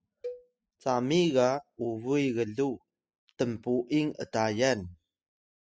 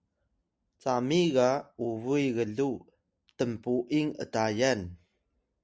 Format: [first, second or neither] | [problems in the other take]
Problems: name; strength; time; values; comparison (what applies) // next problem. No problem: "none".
second | noise reduction (classical method spectral subtraction)